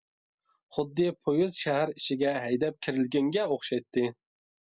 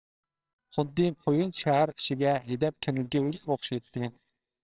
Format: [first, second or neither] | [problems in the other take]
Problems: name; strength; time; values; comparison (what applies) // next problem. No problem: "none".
first | noise reduction (neural separator model SepFormer WHAMR!)